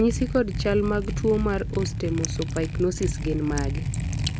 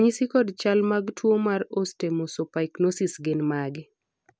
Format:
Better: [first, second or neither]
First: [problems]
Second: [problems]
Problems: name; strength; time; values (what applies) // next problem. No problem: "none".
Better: second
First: background sound (Liquid); 2 dB below the speech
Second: none